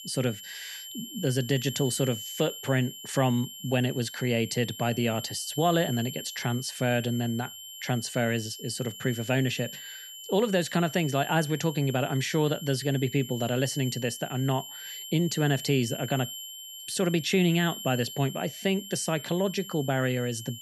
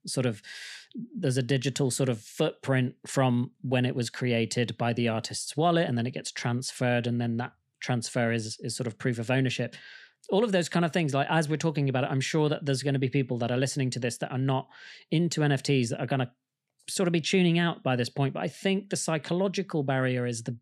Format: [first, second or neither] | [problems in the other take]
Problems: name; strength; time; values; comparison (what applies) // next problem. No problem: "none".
second | high-pitched whine; noticeable; throughout; 3 kHz, 10 dB below the speech